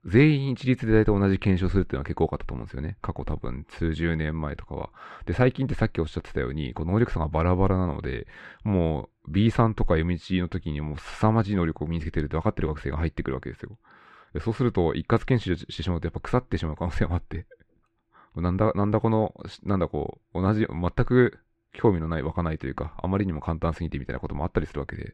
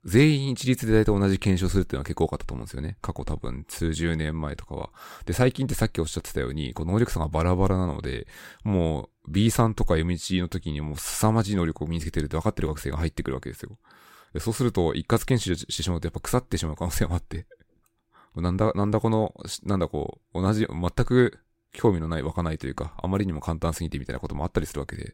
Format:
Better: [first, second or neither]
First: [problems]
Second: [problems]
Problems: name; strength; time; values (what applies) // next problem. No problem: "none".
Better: second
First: muffled; slightly; fading above 2.5 kHz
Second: none